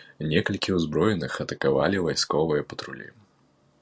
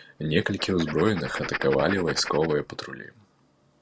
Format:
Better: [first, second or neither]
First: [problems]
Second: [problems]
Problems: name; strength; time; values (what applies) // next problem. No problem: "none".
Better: first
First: none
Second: background sound (Writing); 10 dB below the speech